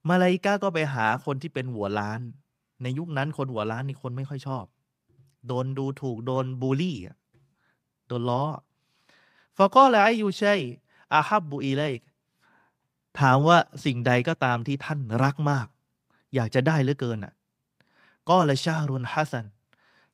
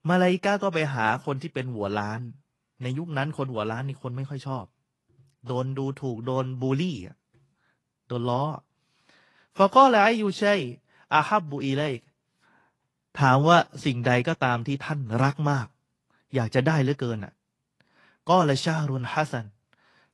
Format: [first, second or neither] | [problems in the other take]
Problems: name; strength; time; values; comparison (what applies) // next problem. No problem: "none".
first | garbled, watery; slightly; nothing above 11 kHz